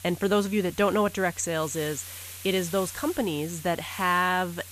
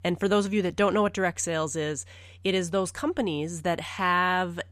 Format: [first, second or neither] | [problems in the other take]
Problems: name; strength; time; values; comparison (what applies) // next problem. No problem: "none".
second | hiss; noticeable; throughout; 15 dB below the speech